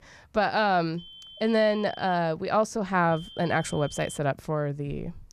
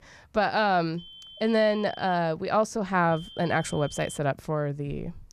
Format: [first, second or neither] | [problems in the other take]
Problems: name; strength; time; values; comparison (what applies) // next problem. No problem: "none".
neither | high-pitched whine; noticeable; from 1 to 2 s and from 3 to 4 s; 3 kHz, 20 dB below the speech; the same in both